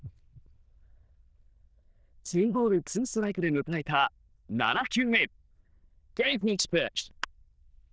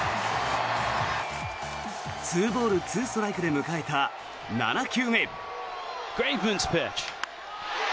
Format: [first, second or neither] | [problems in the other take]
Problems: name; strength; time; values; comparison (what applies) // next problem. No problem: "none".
second | noise reduction (neural diffusion model UNIVERSE++)